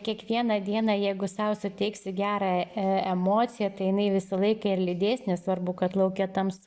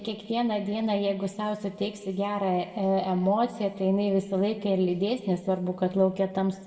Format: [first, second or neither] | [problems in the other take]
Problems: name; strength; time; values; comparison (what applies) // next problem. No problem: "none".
first | room echo; dies away in 1.3 s